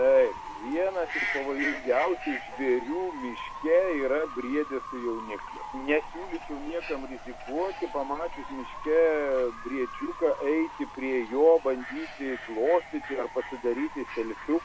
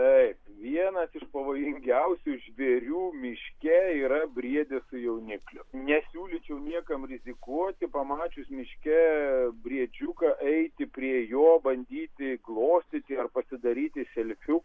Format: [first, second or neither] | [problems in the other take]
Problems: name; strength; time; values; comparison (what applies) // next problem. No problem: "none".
second | background sound (Bird / Fowl); 11 dB below the speech